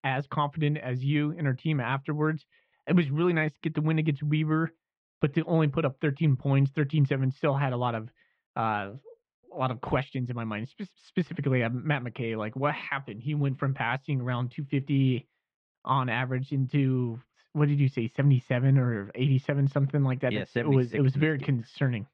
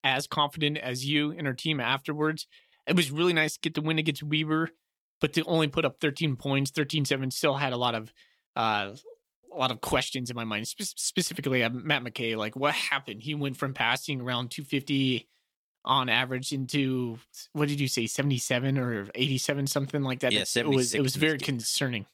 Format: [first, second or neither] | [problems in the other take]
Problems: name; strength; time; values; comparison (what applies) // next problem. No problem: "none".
second | muffled; very; fading above 2 kHz